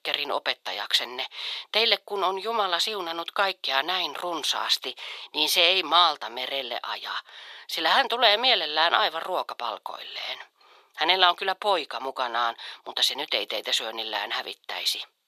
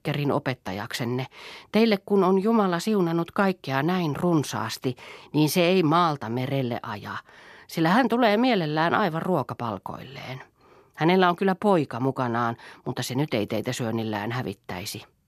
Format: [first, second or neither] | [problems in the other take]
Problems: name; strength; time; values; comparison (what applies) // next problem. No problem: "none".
second | thin; very; fading below 550 Hz